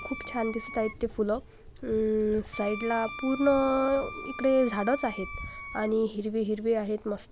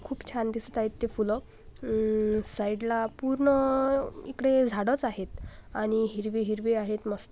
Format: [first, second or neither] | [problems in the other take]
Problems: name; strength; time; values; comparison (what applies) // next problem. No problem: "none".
second | background sound (Wind instrument, woodwind instrument); 14 dB below the speech